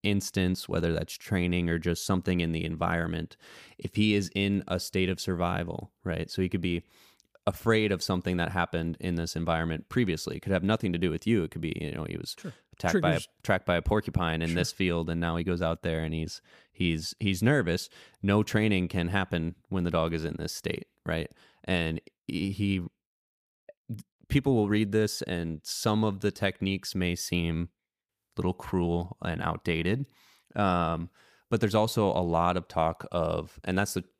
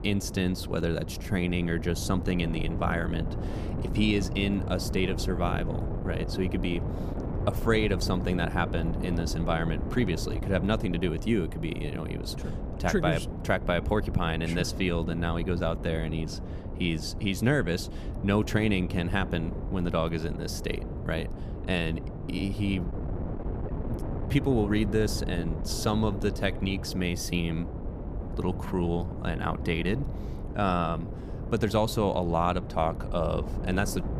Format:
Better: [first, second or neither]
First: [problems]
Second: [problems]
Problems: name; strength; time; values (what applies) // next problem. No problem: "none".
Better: first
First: none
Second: wind noise on the microphone; occasional gusts; 10 dB below the speech